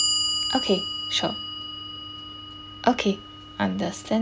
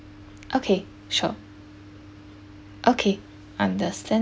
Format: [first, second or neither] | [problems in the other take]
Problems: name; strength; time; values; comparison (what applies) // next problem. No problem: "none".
second | background sound (Clock); 3 dB below the speech